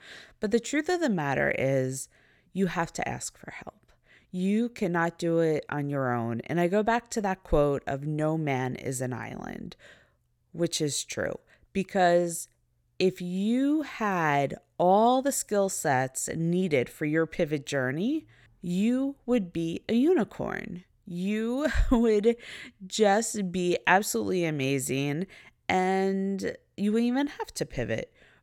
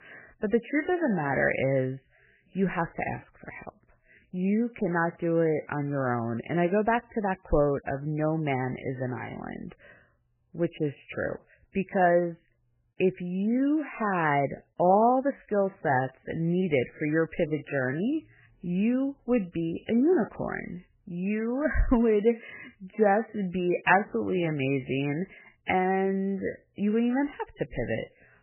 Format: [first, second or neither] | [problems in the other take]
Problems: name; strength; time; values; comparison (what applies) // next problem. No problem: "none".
first | garbled, watery; badly; nothing above 3 kHz